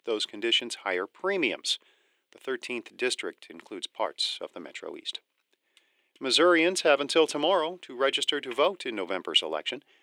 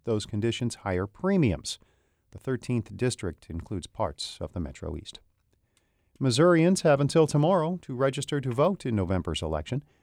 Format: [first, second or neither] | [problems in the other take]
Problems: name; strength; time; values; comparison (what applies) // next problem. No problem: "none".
second | thin; somewhat; fading below 350 Hz